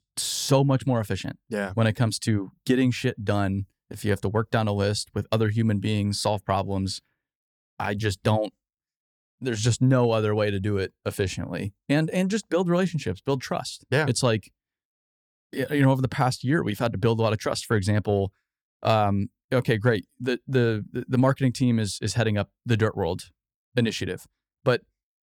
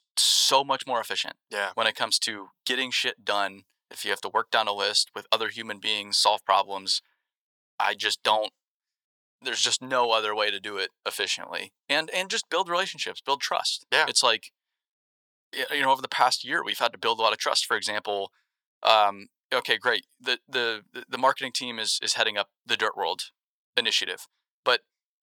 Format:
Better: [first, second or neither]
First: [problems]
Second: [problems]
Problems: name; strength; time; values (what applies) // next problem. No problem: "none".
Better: first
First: none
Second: thin; very; fading below 850 Hz